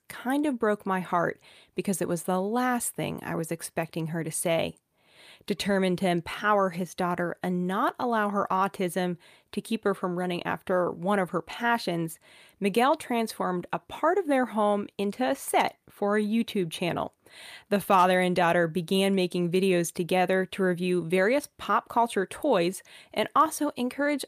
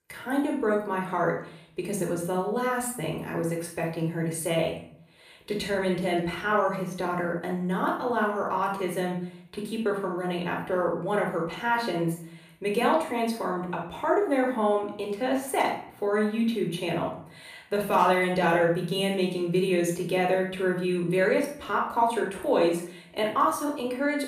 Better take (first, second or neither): first